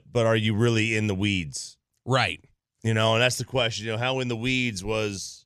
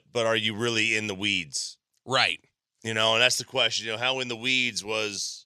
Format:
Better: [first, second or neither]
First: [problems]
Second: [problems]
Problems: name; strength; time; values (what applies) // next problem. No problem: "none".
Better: first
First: none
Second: thin; somewhat; fading below 900 Hz